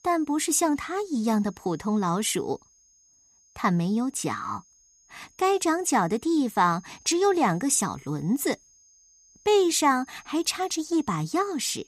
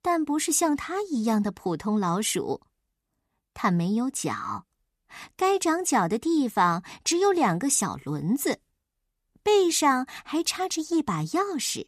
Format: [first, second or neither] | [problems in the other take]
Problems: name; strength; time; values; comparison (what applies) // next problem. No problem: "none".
second | high-pitched whine; faint; throughout; 6.5 kHz, 30 dB below the speech